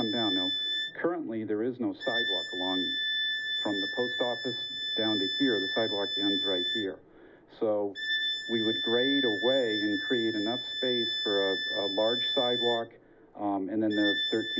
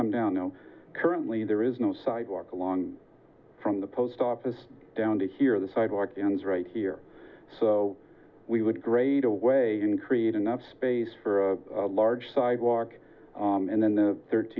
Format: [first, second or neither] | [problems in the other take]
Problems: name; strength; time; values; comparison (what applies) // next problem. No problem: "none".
second | background sound (Wind instrument, woodwind instrument); 1 dB below the speech